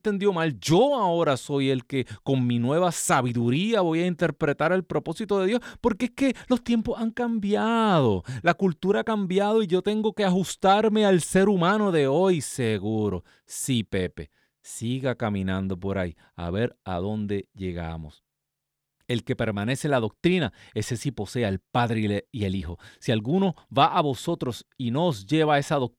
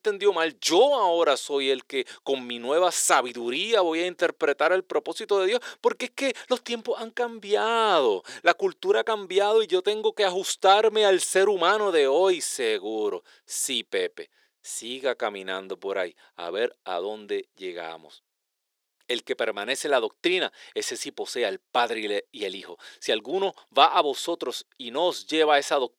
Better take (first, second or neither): first